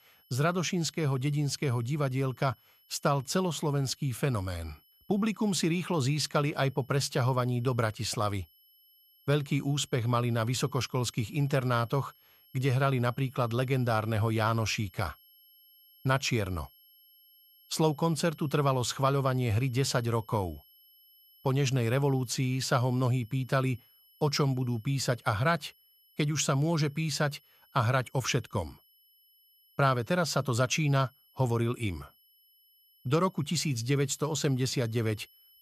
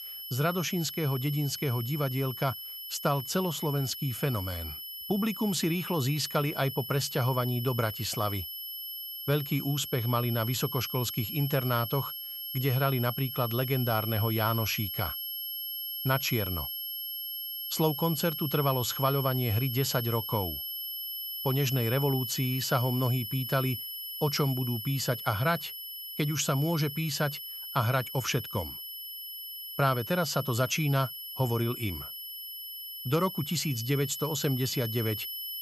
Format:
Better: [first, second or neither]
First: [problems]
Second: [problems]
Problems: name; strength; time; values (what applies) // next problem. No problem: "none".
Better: first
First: high-pitched whine; faint; throughout; 11.5 kHz, 30 dB below the speech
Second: high-pitched whine; loud; throughout; 11.5 kHz, 6 dB below the speech